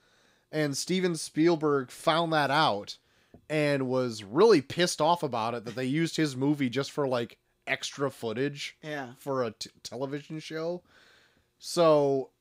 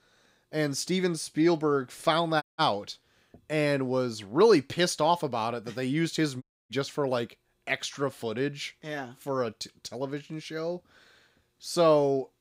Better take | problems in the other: first | audio cutting out; at 2.5 s and at 6.5 s

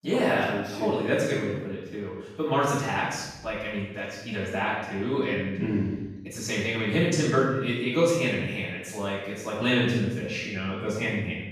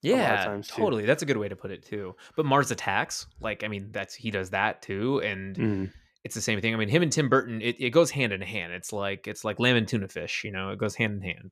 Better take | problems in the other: second | off-mic speech; far // room echo; strong; dies away in 0.9 s

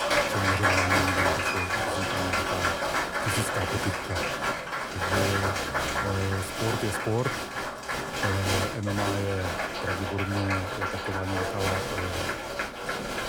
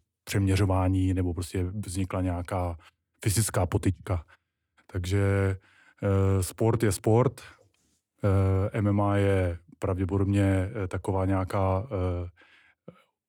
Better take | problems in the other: second | crowd noise; very loud; throughout; 4 dB above the speech

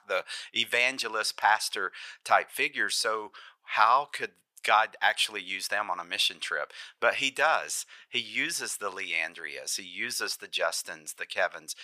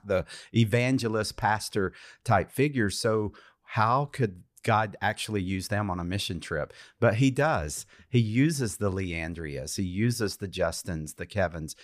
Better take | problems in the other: second | thin; very; fading below 900 Hz

